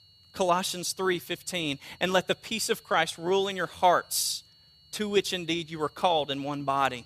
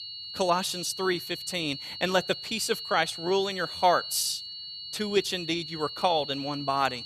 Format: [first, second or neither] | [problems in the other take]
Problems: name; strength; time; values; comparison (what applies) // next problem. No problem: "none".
first | high-pitched whine; loud; throughout; 4.5 kHz, 8 dB below the speech; faint in the first